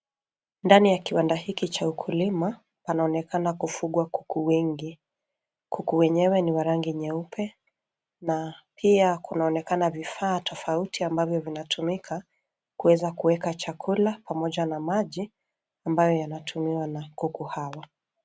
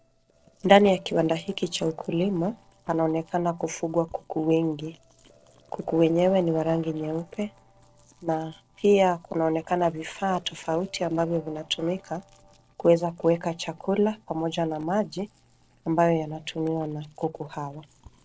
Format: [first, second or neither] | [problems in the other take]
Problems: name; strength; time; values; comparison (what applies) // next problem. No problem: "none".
first | noise reduction (neural separator model SepFormer DNS4)